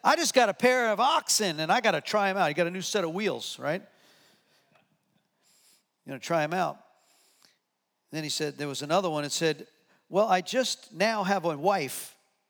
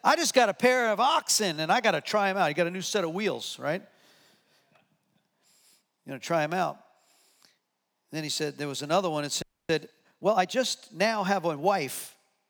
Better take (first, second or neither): first